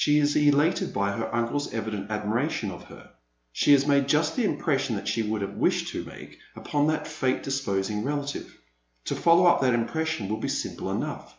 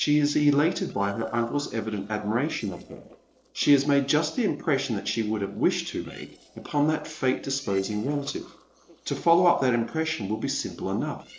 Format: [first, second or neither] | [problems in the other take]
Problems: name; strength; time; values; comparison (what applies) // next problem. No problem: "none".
first | noise reduction (neural separator model SepFormer DNS4)